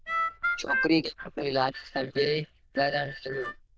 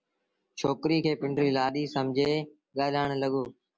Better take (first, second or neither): second